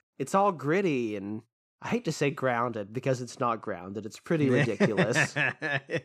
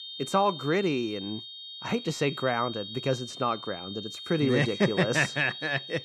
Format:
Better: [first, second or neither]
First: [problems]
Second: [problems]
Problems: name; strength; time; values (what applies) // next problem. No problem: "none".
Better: first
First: none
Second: high-pitched whine; noticeable; throughout; 3.5 kHz, 10 dB below the speech